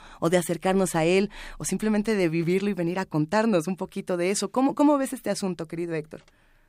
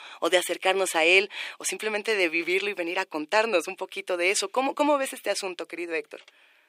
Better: first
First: none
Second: thin; somewhat; fading below 350 Hz

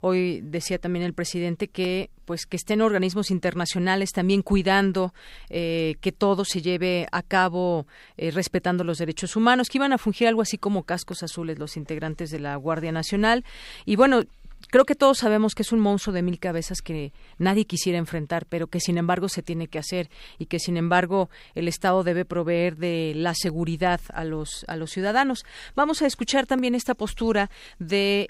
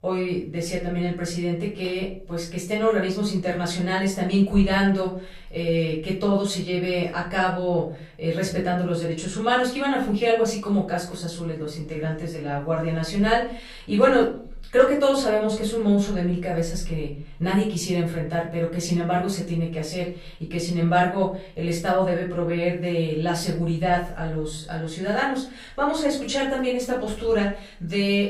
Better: first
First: none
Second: off-mic speech; far // room echo; slight; dies away in 0.4 s

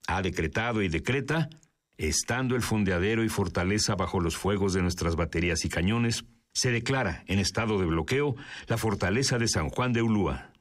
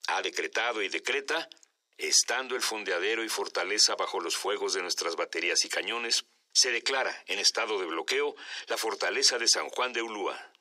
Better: first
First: none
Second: thin; very; fading below 400 Hz

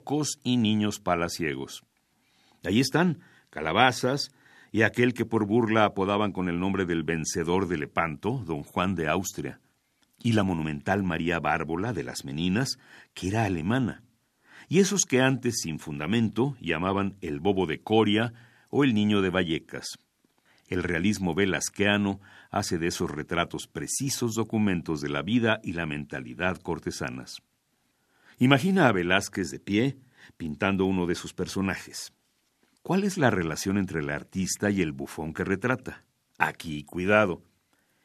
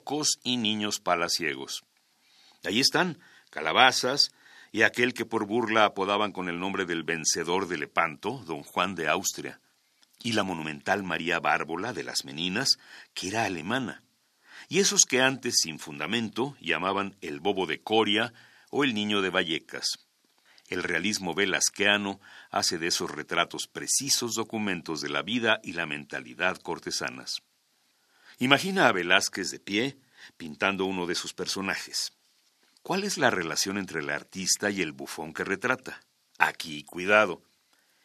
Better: first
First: none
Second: thin; somewhat; fading below 600 Hz

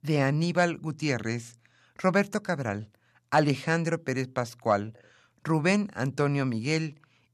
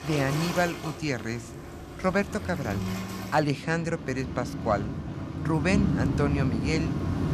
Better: first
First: none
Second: rain or running water; loud; throughout; 3 dB below the speech

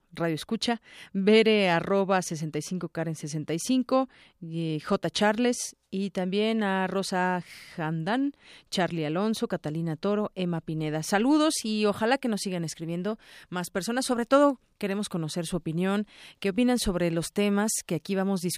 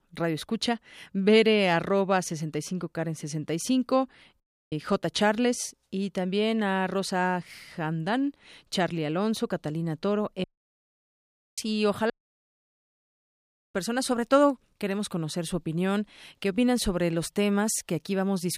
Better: first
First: none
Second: audio cutting out; at 4.5 s, at 10 s for 1 s and at 12 s for 1.5 s

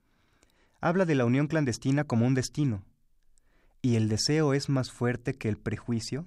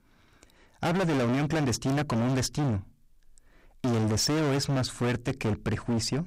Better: first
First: none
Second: distortion; heavy; 29% of the sound clipped

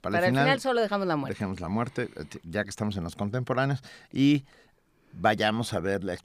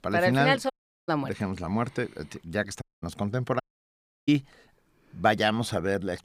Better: first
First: none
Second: audio cutting out; at 0.5 s, at 3 s and at 3.5 s for 0.5 s

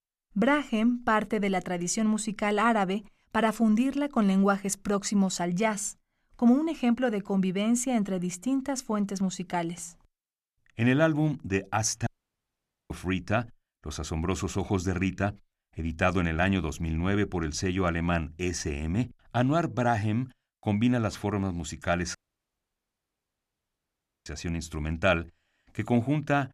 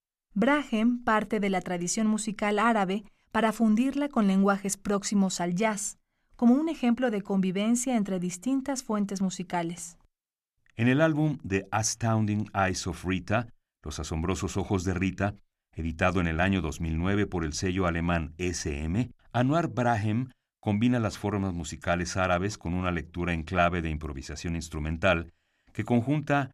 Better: second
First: audio cutting out; at 12 s for 1 s and at 22 s for 2 s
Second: none

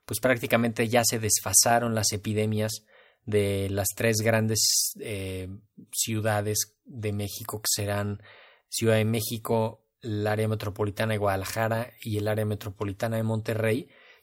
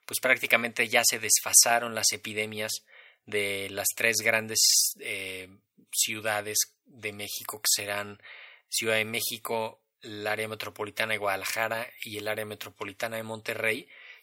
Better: first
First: none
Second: thin; somewhat; fading below 900 Hz

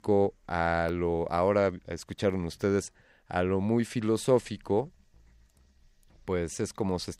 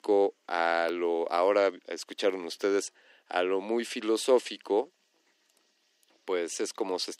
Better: first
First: none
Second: thin; somewhat; fading below 300 Hz

